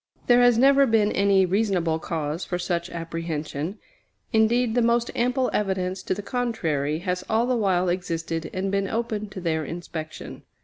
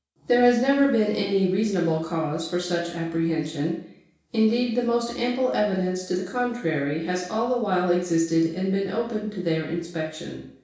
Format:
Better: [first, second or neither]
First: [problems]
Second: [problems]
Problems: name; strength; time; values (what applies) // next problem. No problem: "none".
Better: first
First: none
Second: room echo; dies away in 0.6 s